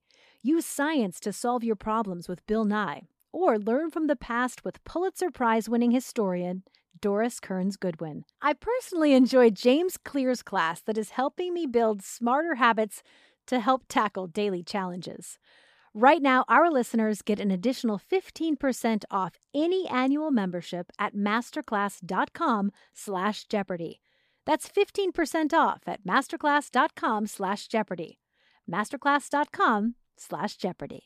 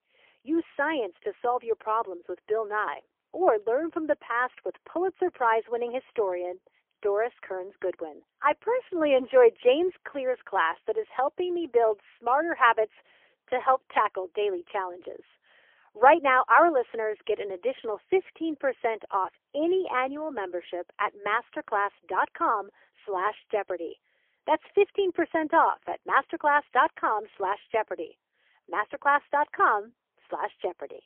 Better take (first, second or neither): first